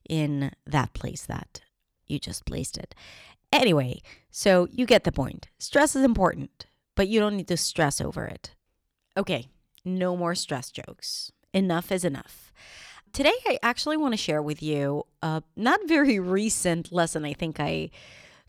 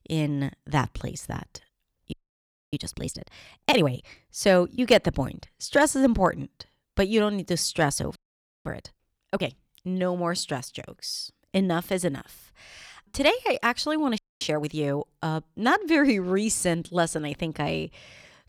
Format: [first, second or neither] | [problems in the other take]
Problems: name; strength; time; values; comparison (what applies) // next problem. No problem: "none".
first | audio freezing; at 2 s for 0.5 s, at 8 s and at 14 s